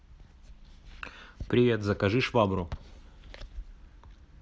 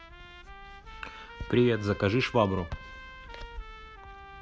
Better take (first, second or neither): first